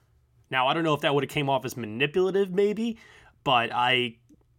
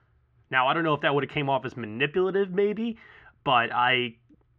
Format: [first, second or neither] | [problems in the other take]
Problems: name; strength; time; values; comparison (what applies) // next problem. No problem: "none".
first | muffled; very; fading above 3 kHz